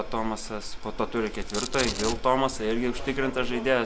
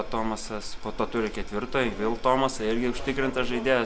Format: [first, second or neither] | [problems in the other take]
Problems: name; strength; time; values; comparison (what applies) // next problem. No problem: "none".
second | background sound (Domestic sounds, home sounds); 12 dB below the speech